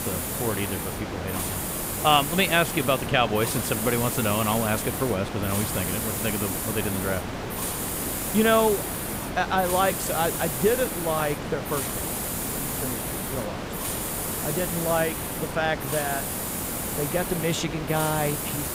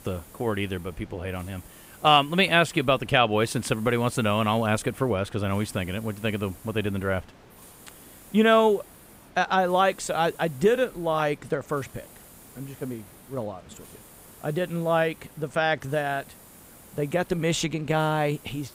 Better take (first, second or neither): second